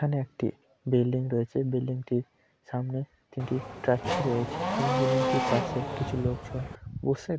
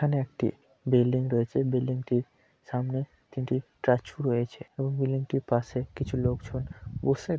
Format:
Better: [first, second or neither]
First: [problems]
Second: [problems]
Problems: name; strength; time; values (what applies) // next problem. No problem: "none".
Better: second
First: background sound (Race car, auto racing / Accelerating, revving, vroom); 1 dB below the speech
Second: none